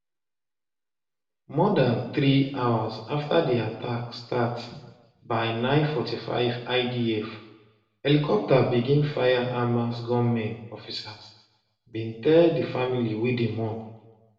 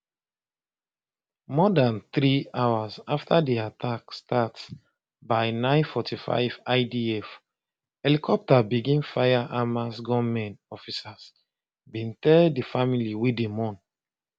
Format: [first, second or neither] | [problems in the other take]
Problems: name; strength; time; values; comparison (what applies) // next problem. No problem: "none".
second | room echo; dies away in 0.8 s